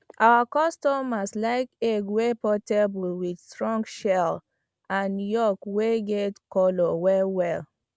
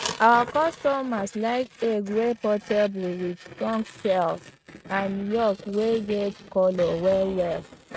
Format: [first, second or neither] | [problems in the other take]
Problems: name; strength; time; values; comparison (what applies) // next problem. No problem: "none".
first | noise reduction (neural mask model RNNoise)